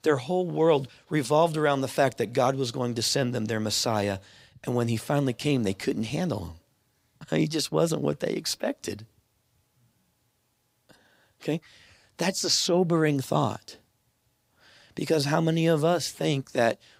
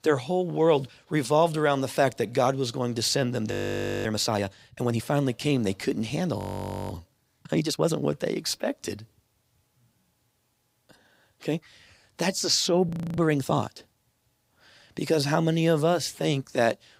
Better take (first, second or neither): first